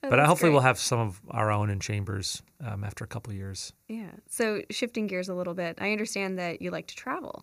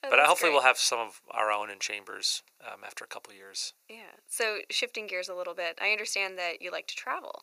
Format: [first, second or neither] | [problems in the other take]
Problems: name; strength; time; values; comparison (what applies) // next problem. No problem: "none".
first | thin; very; fading below 550 Hz